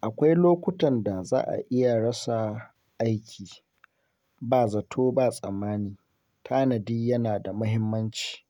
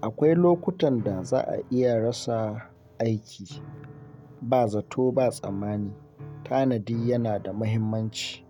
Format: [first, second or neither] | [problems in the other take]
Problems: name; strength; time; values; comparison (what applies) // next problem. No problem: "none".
first | background sound (Piano); 18 dB below the speech